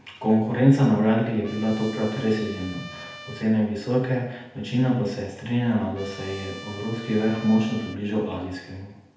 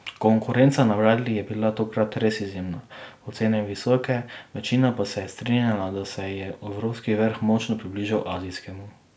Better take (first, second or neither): second